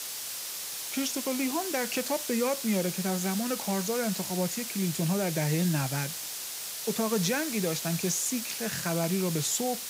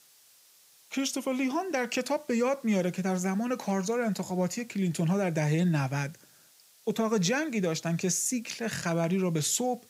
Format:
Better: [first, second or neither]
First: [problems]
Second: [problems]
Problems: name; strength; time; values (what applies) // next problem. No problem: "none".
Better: second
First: hiss; loud; throughout; 3 dB below the speech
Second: hiss; faint; throughout; 25 dB below the speech